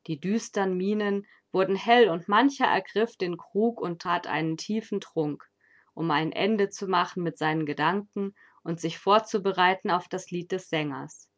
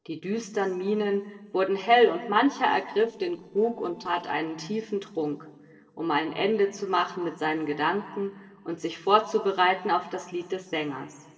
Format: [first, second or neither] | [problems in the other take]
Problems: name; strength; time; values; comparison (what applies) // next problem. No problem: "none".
first | noise reduction (neural separator model SepFormer DNS4)